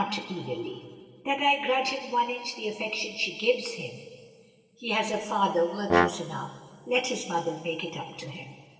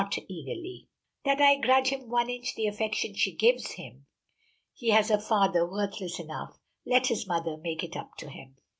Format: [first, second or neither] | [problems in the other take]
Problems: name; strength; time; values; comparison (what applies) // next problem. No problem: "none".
second | background sound (Brass instrument); 2 dB above the speech // room echo; dies away in 2.3 s